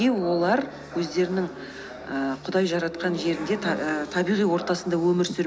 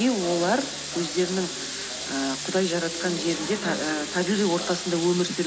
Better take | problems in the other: first | background sound (Sink (filling or washing) / Water tap, faucet); 7 dB below the speech

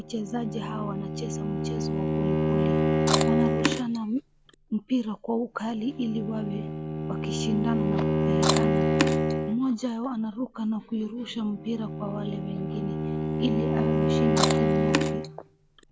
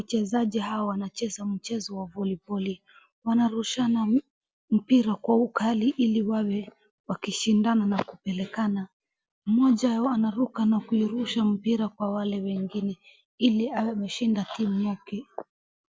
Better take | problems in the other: second | background sound (Chewing, mastication + Bowed string instrument); 4 dB above the speech

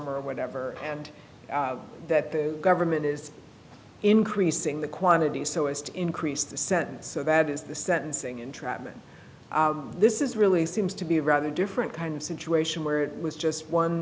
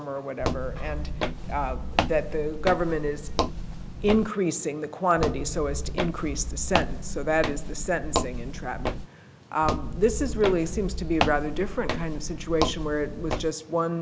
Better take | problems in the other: first | background sound (Walk, footsteps); 1 dB below the speech

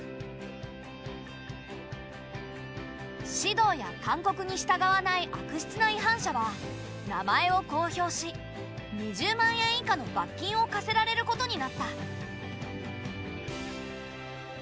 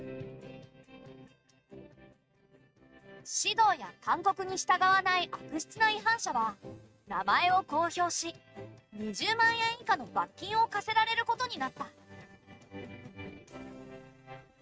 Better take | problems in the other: first | noise reduction (neural mask model RNNoise)

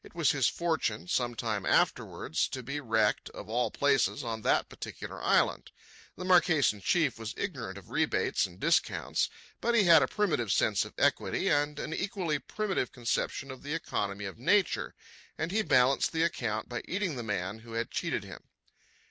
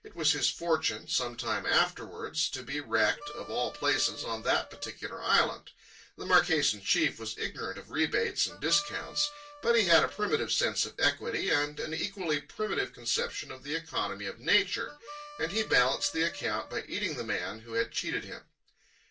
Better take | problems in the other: first | background sound (Harmonica); 18 dB below the speech // room echo; dies away in 0.2 s

